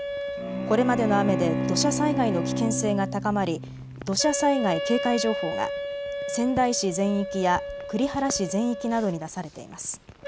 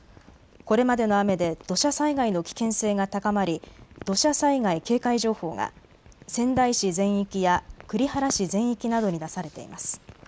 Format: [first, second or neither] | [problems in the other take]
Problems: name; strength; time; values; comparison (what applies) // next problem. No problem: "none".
second | background sound (Bowed string instrument + Wind instrument, woodwind instrument); 5 dB below the speech